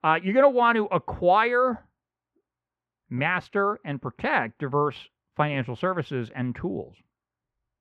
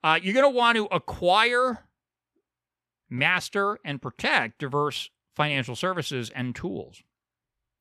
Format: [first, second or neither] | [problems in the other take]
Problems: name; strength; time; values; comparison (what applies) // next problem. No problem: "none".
second | muffled; very; fading above 3.5 kHz